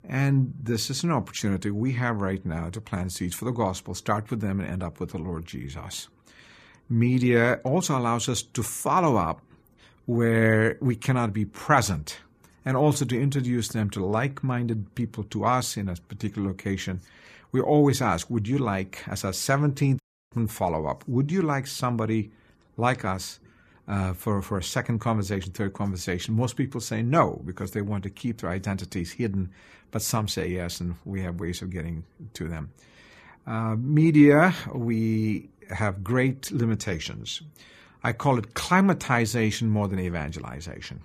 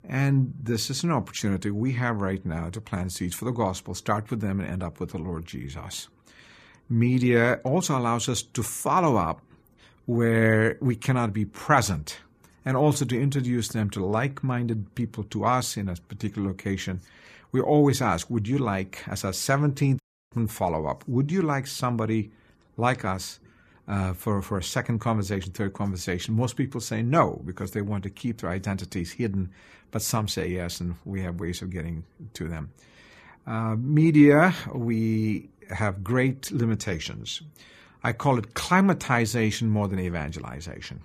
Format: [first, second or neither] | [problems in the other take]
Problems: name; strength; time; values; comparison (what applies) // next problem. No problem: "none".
neither | audio cutting out; at 20 s; the same in both